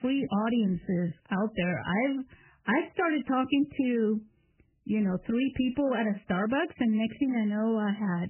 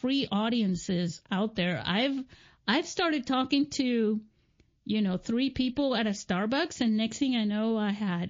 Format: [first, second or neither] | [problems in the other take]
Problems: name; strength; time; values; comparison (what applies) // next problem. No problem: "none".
second | garbled, watery; badly; nothing above 3 kHz; slightly in the second